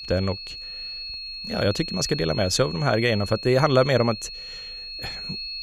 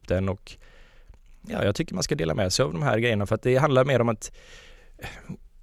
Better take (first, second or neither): second